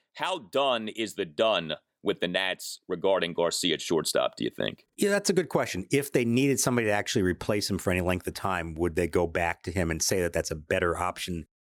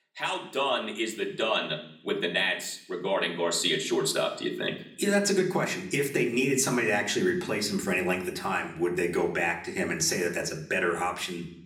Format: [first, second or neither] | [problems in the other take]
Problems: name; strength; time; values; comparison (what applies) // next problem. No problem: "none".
first | room echo; very slight; dies away in 0.6 s // off-mic speech; somewhat distant